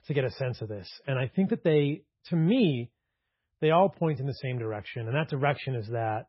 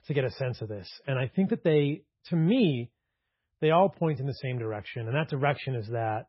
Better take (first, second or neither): neither